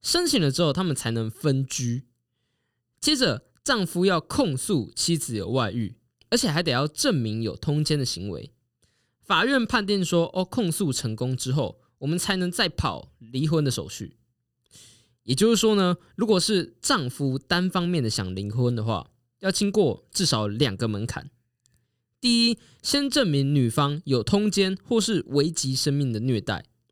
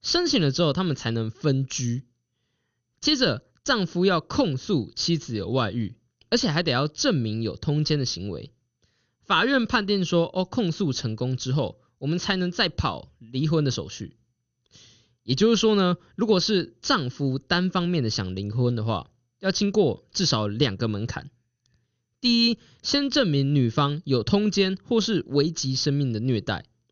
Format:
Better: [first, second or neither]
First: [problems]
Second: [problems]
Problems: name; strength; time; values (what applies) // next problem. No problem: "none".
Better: first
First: none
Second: garbled, watery; slightly; nothing above 6.5 kHz